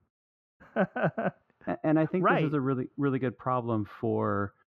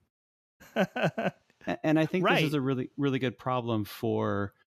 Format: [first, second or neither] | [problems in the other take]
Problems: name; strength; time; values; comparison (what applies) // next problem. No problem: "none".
second | muffled; very; fading above 3 kHz